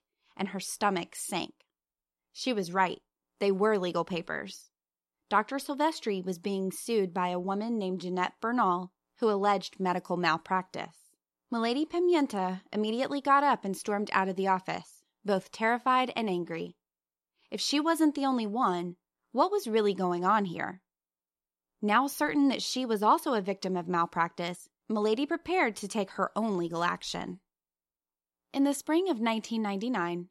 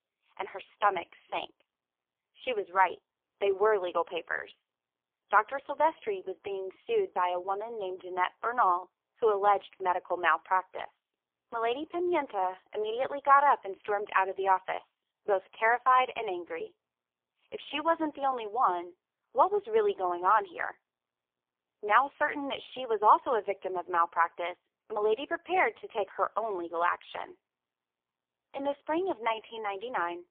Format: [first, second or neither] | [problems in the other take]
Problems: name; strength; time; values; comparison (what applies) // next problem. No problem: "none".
first | phone-call audio; poor line; nothing above 3 kHz